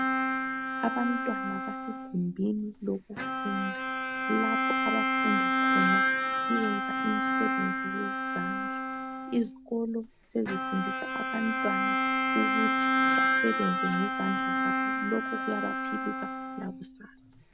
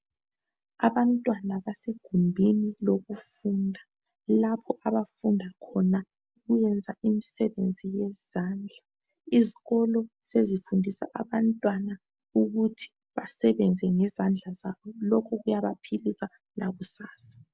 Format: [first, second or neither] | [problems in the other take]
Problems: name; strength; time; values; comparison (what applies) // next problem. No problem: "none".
second | background sound (Bowed string instrument); 4 dB above the speech